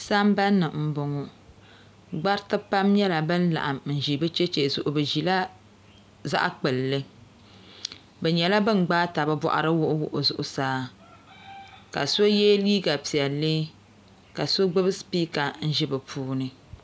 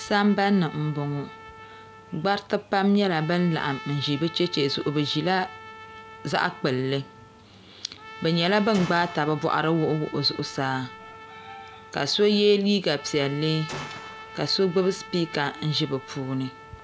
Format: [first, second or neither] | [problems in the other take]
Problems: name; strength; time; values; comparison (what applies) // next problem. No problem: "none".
first | background sound (Trumpet + Gunshot, gunfire); 16 dB below the speech